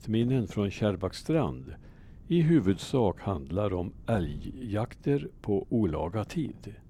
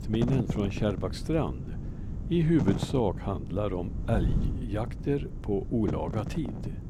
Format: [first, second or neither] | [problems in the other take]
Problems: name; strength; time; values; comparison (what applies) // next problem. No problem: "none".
first | wind noise on the microphone; heavy; 9 dB below the speech; occasional gusts in the first